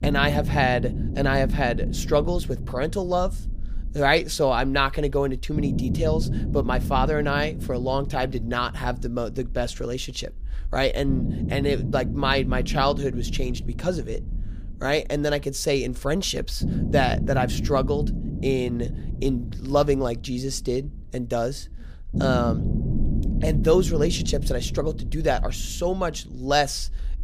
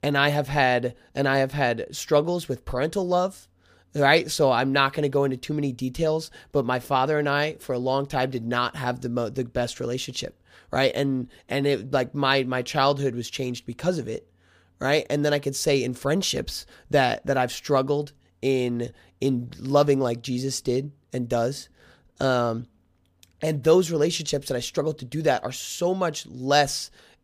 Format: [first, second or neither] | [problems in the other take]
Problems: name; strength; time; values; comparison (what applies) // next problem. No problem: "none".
second | low rumble; noticeable; throughout; 15 dB below the speech